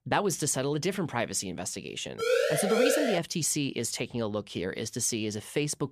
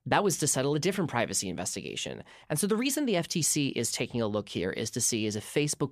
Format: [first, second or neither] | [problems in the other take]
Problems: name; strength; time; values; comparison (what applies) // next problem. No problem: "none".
second | siren; loud; from 2 to 3 s; peak 5 dB above the speech